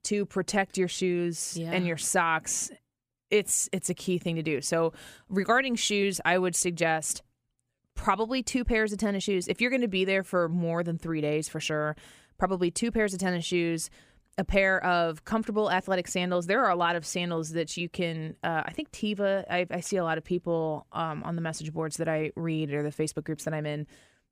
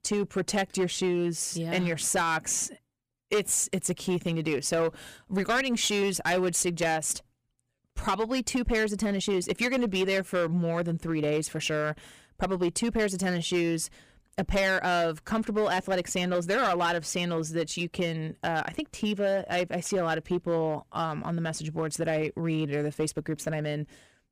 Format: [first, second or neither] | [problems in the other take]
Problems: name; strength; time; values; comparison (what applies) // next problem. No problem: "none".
first | distortion; slight; 8% of the sound clipped